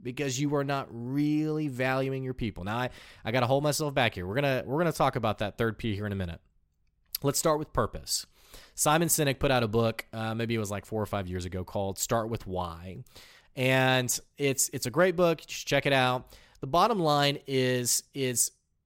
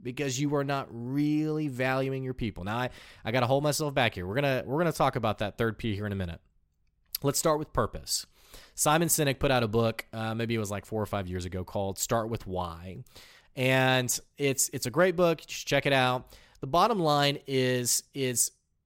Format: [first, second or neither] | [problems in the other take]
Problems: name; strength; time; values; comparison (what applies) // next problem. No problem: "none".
neither | none